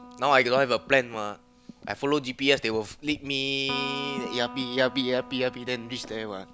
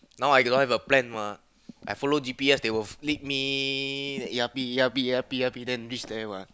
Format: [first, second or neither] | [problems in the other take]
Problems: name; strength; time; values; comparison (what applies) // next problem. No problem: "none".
second | background sound (Electric guitar); 16 dB below the speech